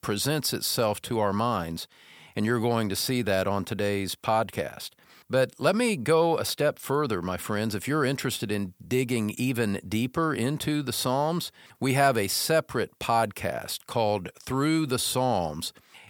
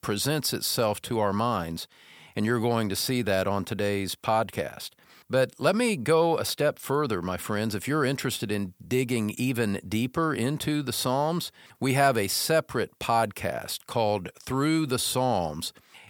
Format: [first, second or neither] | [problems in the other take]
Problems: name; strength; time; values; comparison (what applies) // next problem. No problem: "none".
neither | none